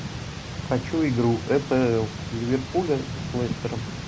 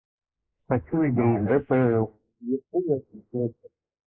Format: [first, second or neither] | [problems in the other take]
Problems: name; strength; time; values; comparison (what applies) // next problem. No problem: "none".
first | noise reduction (neural mask model Resemble Enhance denoiser)